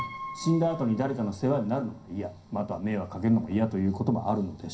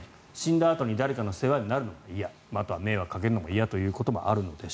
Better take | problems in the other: second | background sound (Piano); 18 dB below the speech // room echo; dies away in 0.3 s

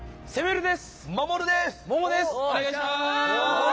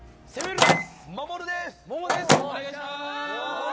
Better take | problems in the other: first | background sound (Microwave oven); 5 dB above the speech

